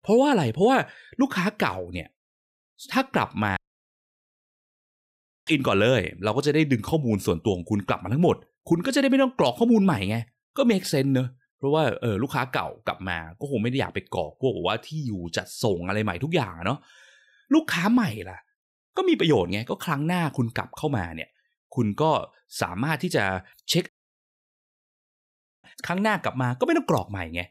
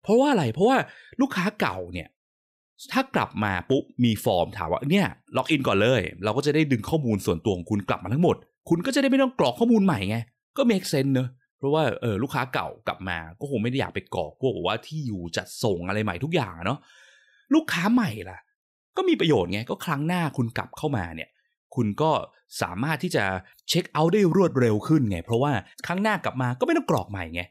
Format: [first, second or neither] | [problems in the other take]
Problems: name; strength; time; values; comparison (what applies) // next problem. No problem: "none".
second | audio cutting out; at 3.5 s for 2 s and at 24 s for 2 s